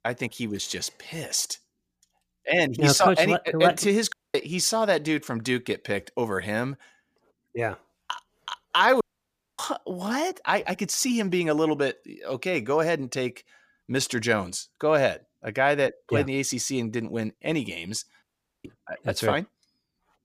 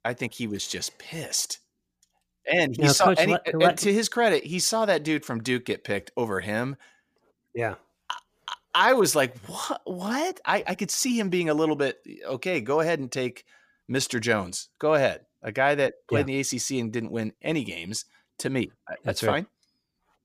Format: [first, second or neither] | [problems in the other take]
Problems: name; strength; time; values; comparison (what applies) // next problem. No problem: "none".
second | audio cutting out; at 4 s, at 9 s for 0.5 s and at 18 s